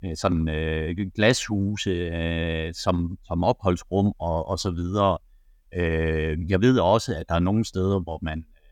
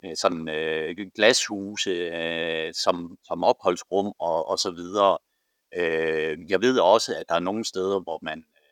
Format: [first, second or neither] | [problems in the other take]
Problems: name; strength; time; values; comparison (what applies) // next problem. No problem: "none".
first | thin; somewhat; fading below 400 Hz